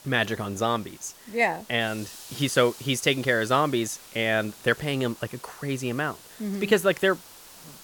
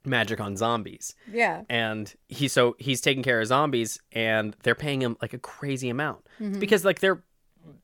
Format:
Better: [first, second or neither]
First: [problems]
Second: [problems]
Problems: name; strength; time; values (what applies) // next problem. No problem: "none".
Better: second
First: hiss; noticeable; throughout; 20 dB below the speech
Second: none